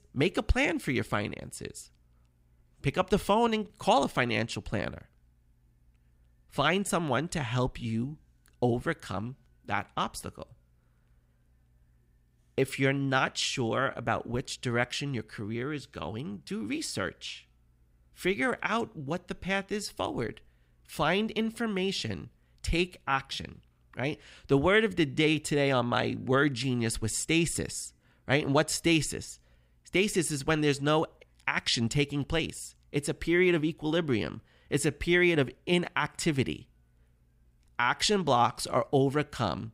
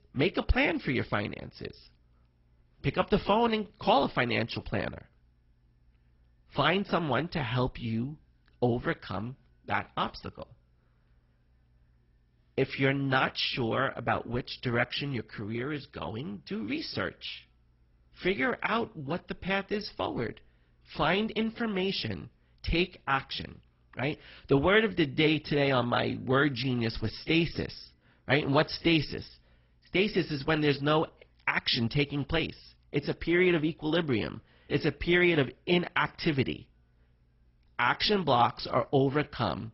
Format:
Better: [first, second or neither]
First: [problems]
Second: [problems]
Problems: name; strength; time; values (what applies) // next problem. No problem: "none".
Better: first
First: none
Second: garbled, watery; badly; nothing above 5.5 kHz